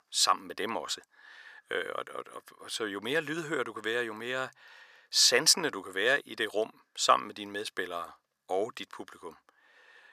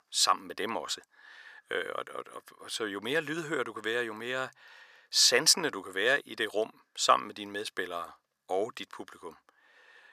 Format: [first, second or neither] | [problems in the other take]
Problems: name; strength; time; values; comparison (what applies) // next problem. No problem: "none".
neither | thin; very; fading below 500 Hz; the same in both